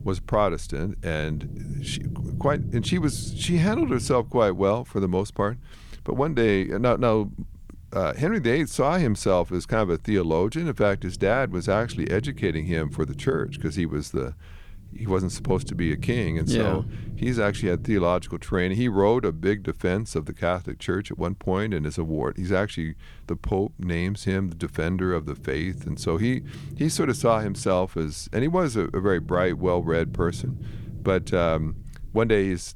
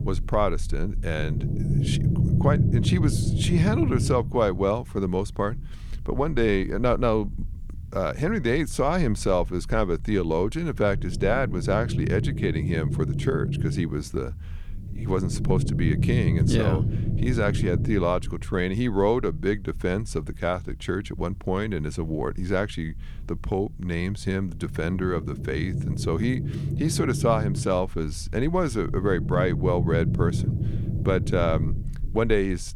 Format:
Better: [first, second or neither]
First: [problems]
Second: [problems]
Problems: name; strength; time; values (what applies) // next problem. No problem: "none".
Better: first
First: low rumble; faint; throughout; 20 dB below the speech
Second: low rumble; loud; throughout; 10 dB below the speech